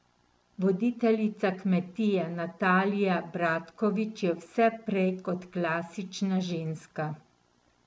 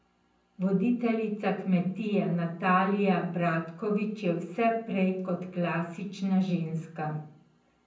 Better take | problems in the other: first | room echo; dies away in 0.6 s

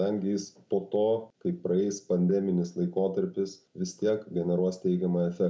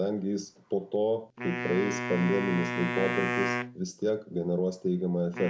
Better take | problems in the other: first | background sound (Wind instrument, woodwind instrument); 6 dB below the speech

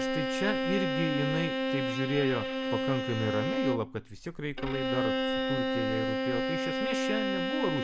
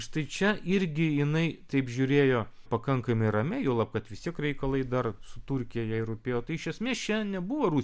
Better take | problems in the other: second | background sound (Bowed string instrument); 2 dB above the speech

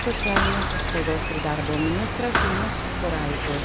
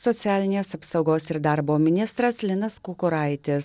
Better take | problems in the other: second | background sound (Thump, thud + Cricket); 3 dB above the speech

